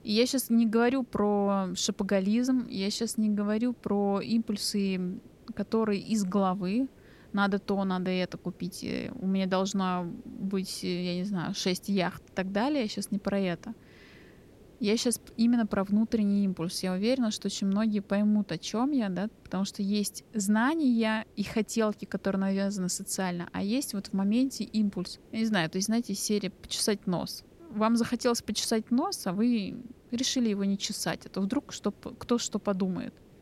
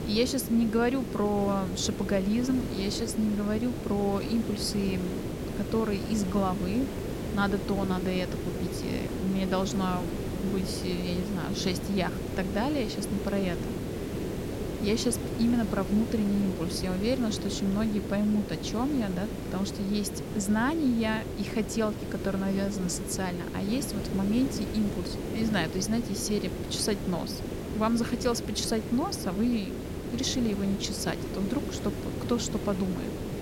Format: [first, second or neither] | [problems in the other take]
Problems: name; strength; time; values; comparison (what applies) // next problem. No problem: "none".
first | hiss; loud; throughout; 5 dB below the speech; faint in the first